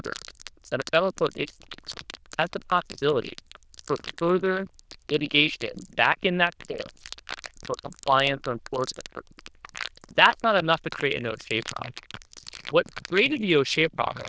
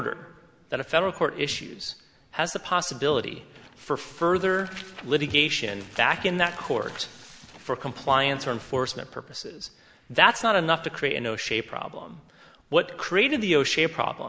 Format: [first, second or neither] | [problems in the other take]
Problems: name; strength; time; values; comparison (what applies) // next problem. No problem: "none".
second | noise reduction (neural diffusion model UNIVERSE++)